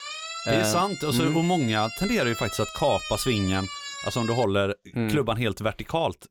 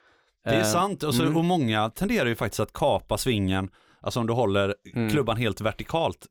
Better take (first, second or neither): second